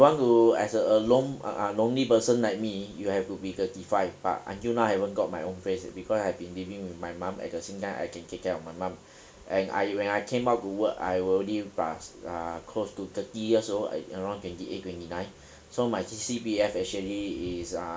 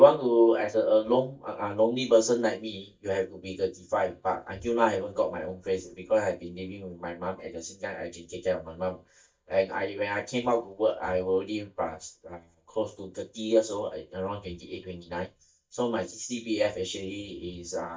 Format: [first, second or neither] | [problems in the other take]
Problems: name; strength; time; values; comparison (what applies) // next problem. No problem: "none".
first | noise reduction (neural mask model DeepFilterNet 3)